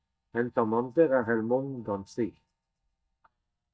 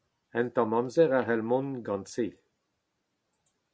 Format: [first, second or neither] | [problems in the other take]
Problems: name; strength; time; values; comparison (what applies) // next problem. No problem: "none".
second | noise reduction (neural mask model DeepFilterNet 3)